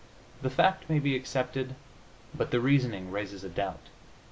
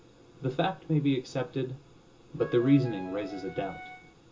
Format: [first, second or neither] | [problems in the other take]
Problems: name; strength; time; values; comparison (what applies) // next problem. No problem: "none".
first | background sound (Wind instrument, woodwind instrument); 14 dB below the speech // room echo; dies away in 0.2 s